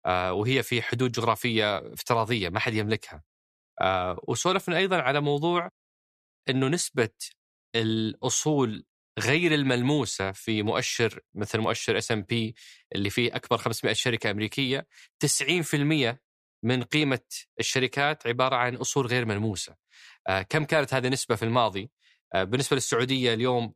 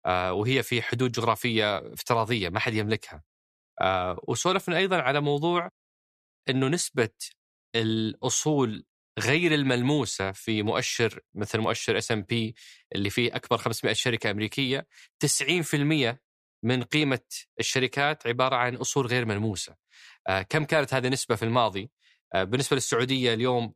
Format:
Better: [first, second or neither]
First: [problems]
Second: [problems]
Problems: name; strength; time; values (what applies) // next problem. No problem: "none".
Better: neither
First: none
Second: none